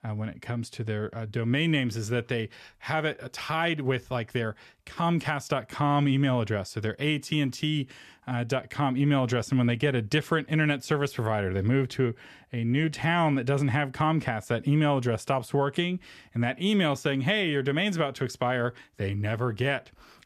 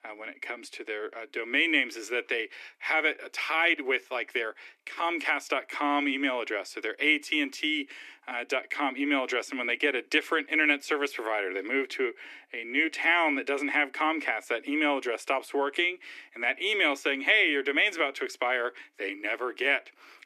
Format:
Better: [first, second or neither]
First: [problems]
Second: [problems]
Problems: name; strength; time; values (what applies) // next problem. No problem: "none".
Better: first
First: none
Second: thin; somewhat; fading below 300 Hz